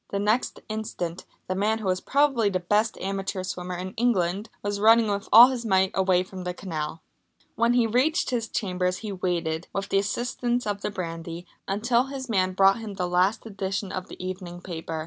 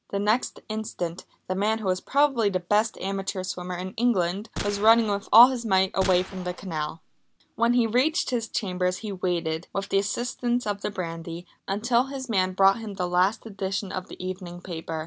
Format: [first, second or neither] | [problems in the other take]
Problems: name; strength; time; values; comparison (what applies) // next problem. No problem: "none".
first | background sound (Gunshot, gunfire); 13 dB below the speech